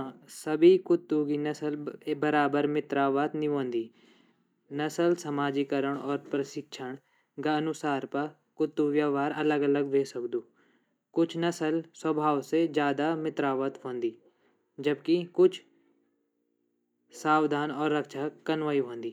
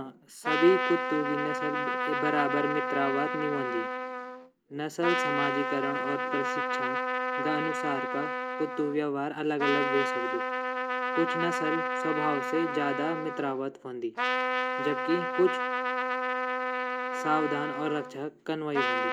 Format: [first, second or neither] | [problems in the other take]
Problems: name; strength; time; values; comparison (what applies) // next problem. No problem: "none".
first | background sound (Trumpet); as loud as the speech